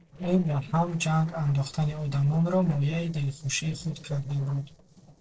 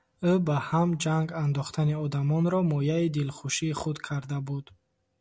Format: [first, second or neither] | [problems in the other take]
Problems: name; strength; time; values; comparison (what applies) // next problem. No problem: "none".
second | noise reduction (neural separator model SepFormer DNS4)